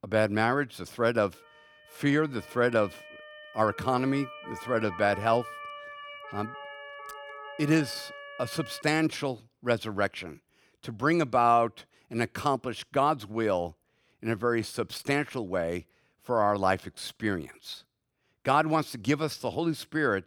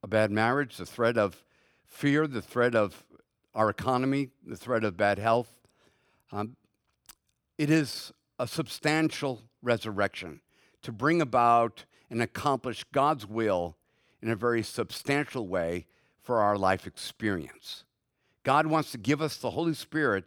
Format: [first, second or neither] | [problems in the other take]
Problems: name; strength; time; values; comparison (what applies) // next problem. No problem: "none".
second | siren; faint; from 1.5 to 9 s; peak 10 dB below the speech